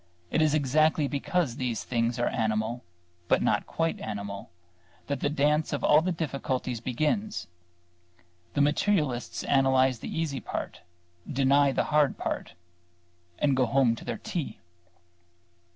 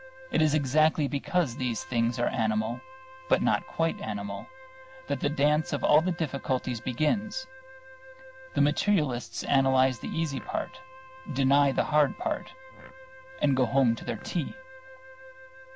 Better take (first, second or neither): first